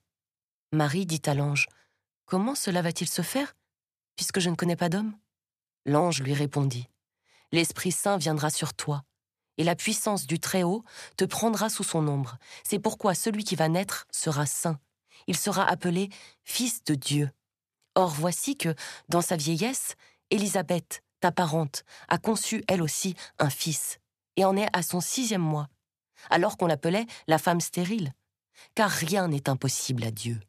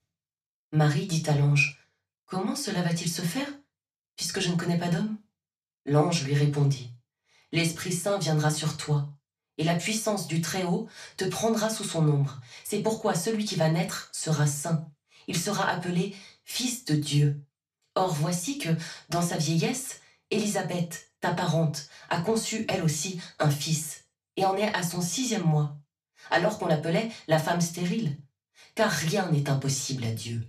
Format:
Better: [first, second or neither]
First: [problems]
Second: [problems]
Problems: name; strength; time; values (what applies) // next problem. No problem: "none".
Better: first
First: none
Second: room echo; slight; dies away in 0.3 s // off-mic speech; far